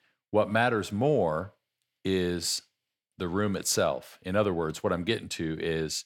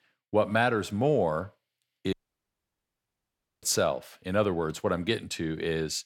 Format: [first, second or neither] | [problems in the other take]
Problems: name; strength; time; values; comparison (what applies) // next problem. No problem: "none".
first | audio cutting out; at 2 s for 1.5 s